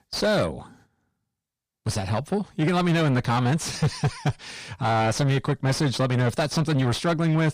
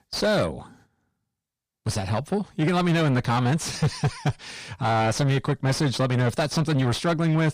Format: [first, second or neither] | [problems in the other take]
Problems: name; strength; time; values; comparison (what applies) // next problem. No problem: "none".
neither | distortion; heavy; 6 dB below the speech; the same in both